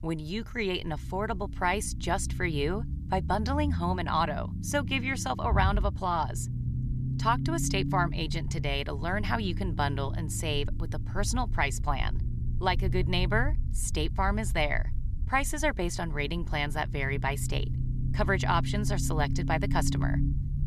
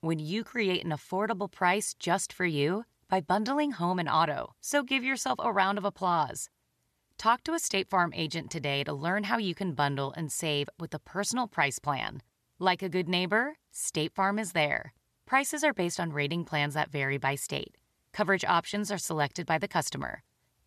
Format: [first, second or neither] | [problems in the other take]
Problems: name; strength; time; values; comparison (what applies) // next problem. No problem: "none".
second | low rumble; noticeable; throughout; 15 dB below the speech